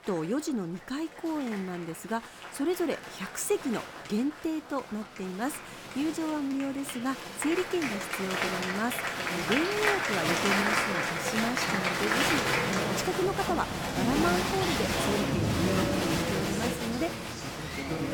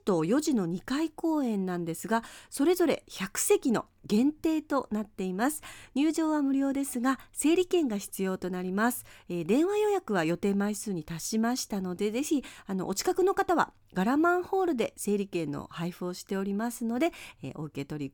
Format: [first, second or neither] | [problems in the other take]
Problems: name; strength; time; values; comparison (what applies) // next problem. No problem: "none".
second | crowd noise; very loud; throughout; 4 dB above the speech